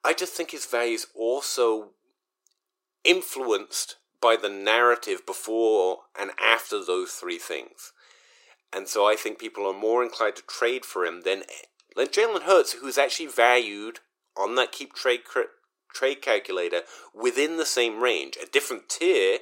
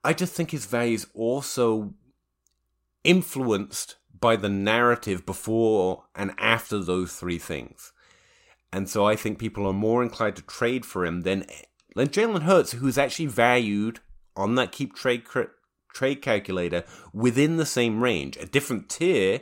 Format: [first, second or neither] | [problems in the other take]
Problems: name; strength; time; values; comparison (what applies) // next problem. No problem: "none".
second | thin; very; fading below 350 Hz